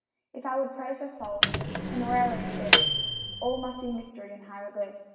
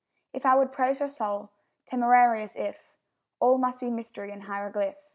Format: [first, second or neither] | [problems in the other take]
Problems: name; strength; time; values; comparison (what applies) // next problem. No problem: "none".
second | background sound (Microwave oven); 5 dB above the speech // room echo; dies away in 1.1 s